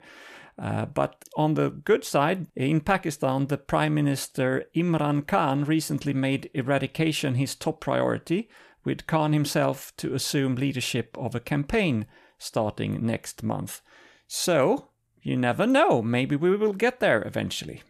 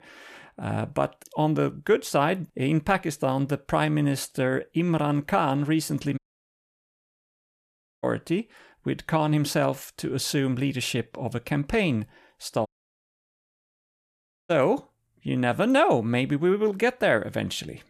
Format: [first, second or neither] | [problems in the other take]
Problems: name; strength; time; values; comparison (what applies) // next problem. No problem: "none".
first | audio cutting out; at 6 s for 2 s and at 13 s for 2 s